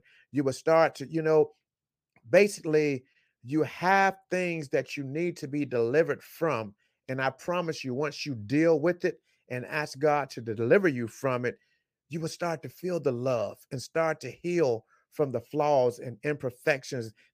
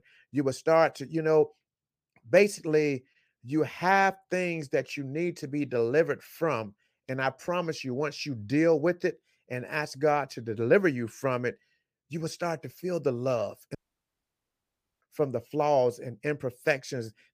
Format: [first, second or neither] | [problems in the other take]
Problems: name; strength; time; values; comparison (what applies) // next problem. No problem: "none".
first | audio cutting out; at 14 s for 1.5 s